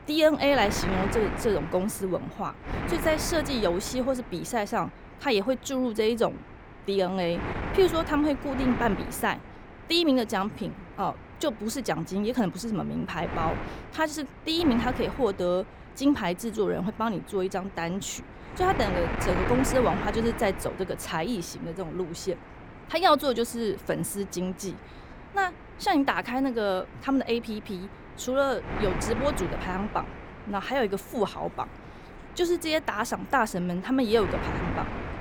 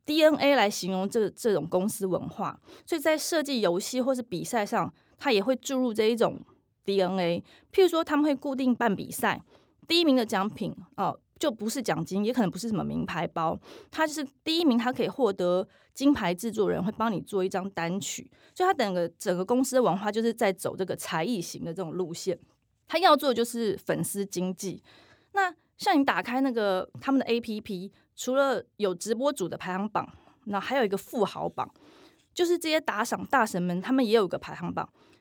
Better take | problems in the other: second | wind noise on the microphone; heavy; 10 dB below the speech

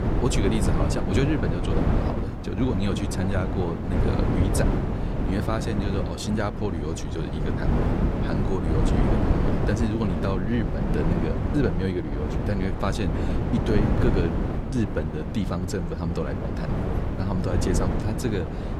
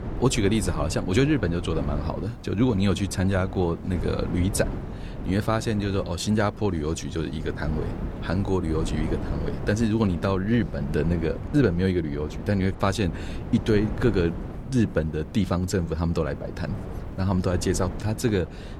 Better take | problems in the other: second | wind noise on the microphone; heavy; as loud as the speech; occasional gusts in the second

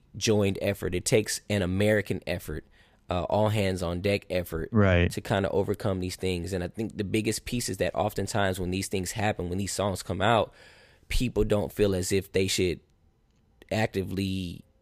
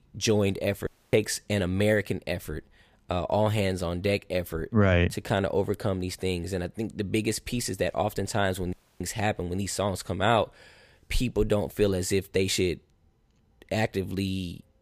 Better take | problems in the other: first | audio cutting out; at 1 s and at 8.5 s

